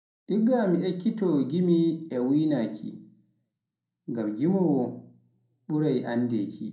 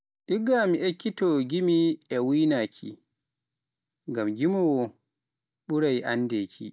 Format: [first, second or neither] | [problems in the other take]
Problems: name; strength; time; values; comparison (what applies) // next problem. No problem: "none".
second | room echo; dies away in 0.6 s